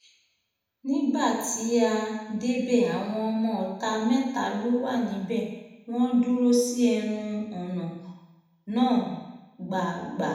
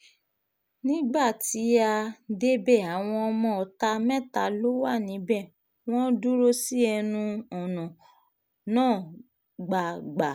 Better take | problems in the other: second | room echo; dies away in 1 s

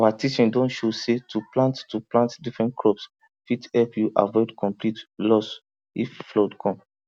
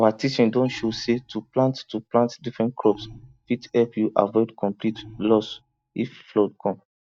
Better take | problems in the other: first | noise reduction (neural mask model DeepFilterNet 3)

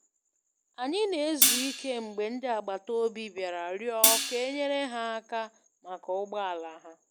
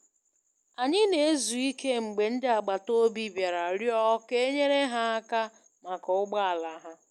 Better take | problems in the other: second | background sound (Hi-hat); 3 dB above the speech

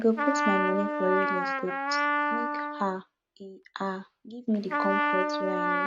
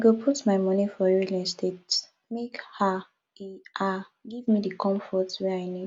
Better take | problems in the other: second | noise reduction (neural mask model RNNoise)

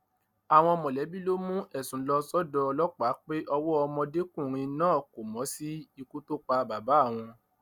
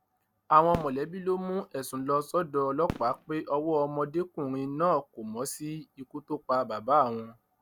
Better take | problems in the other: first | background sound (Fireworks); 15 dB below the speech

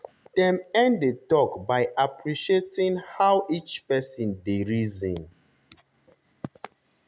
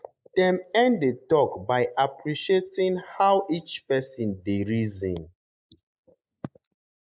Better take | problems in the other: first | noise reduction (neural mask model Resemble Enhance denoiser)

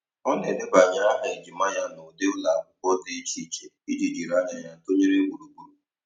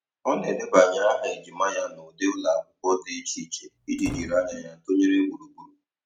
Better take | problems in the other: first | background sound (Slam); 14 dB below the speech

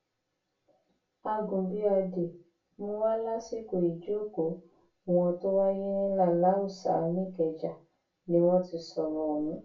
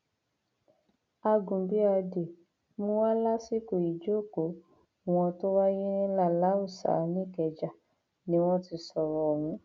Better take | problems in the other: second | room echo; dies away in 0.2 s

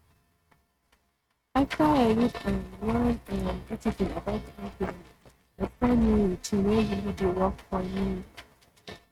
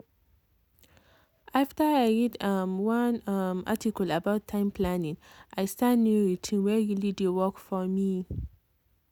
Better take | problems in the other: second | noise reduction (neural mask model RNNoise)

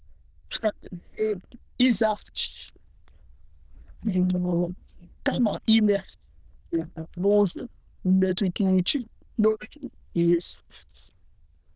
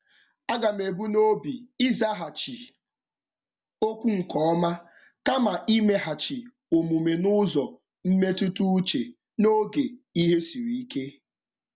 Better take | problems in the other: second | noise reduction (neural diffusion model UNIVERSE++)

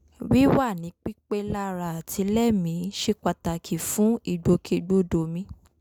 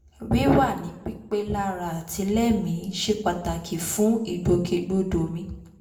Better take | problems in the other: first | room echo; dies away in 0.5 s

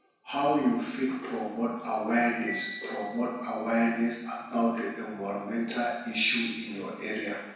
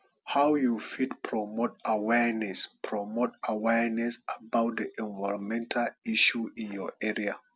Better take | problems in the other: second | background sound (Marimba, xylophone); 15 dB below the speech // room echo; dies away in 1 s

